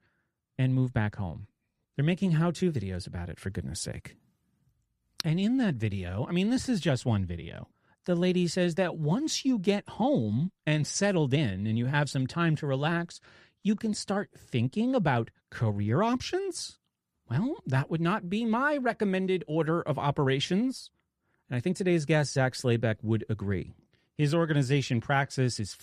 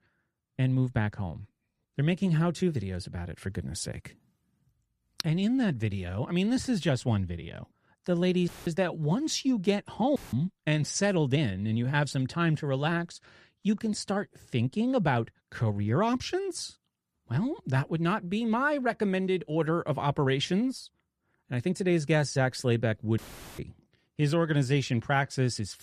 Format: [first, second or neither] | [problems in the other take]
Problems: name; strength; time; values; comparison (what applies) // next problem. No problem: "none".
first | audio cutting out; filled with static; at 8.5 s, at 10 s and at 23 s